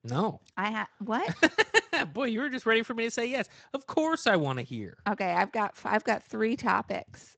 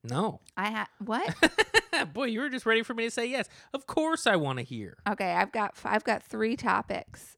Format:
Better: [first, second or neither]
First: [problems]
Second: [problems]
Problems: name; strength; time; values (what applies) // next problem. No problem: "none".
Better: second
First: garbled, watery; slightly; nothing above 7.5 kHz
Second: none